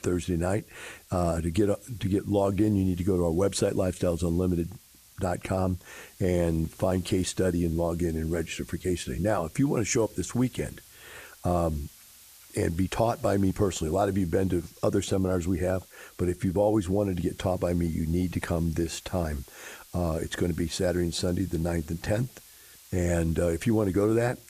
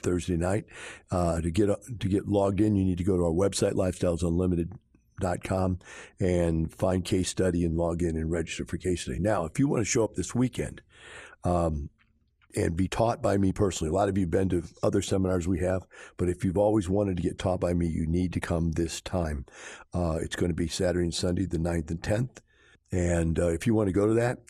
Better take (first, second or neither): second